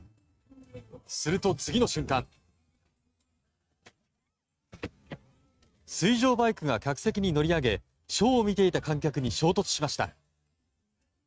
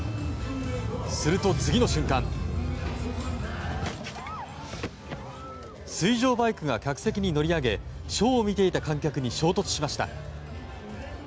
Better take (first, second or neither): second